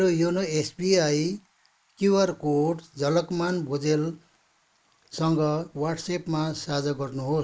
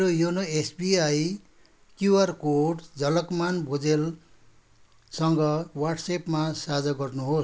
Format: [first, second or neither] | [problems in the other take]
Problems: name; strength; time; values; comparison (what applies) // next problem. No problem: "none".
second | noise reduction (neural mask model Resemble Enhance denoiser)